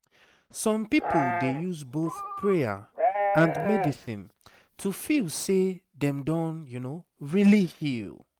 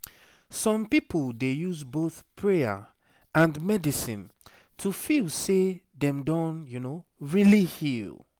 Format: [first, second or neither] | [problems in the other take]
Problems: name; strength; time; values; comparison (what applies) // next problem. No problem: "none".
second | noise reduction (neural mask model RNNoise)